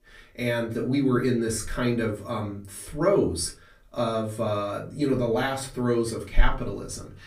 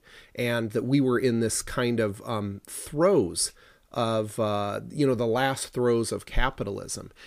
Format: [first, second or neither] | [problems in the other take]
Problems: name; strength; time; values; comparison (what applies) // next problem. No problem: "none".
second | off-mic speech; far // room echo; very slight; dies away in 0.3 s